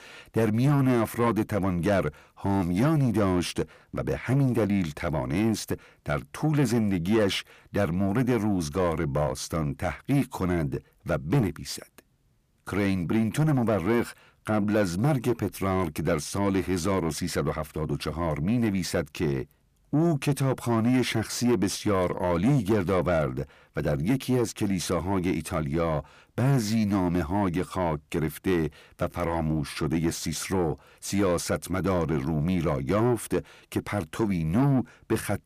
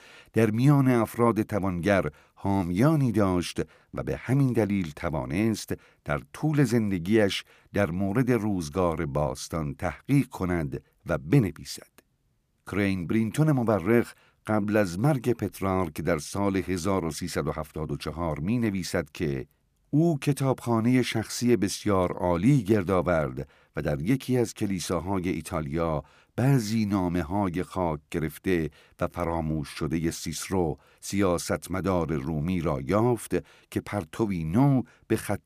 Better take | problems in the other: second | distortion; slight; 10 dB below the speech

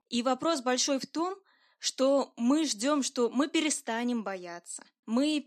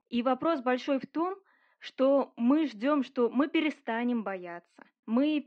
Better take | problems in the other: first | muffled; very; fading above 2.5 kHz

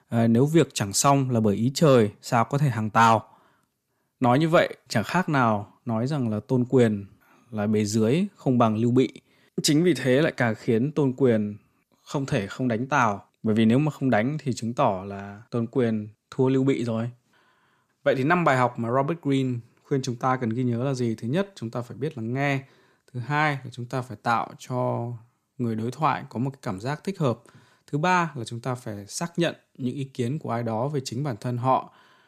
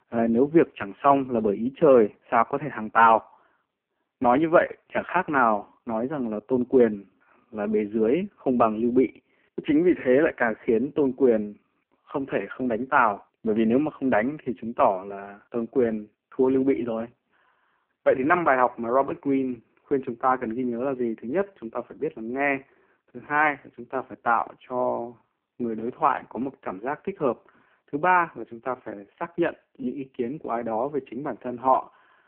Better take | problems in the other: first | phone-call audio; poor line

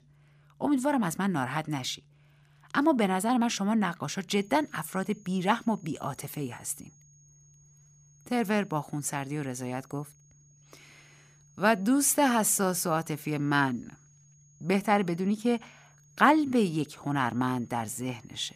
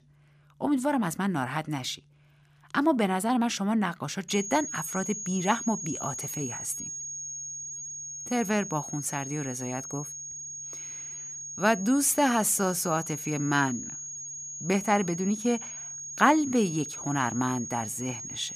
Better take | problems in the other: first | high-pitched whine; loud; from 4.5 s on; 6.5 kHz, 7 dB below the speech; faint in the first

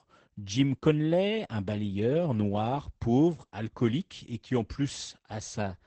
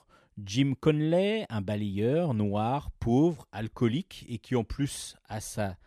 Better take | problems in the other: second | garbled, watery; badly; nothing above 8 kHz

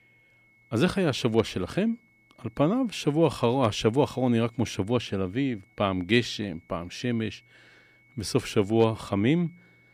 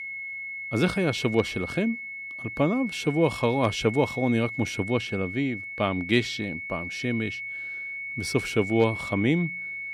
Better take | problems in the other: first | high-pitched whine; loud; throughout; 2 kHz, 7 dB below the speech; faint in the first

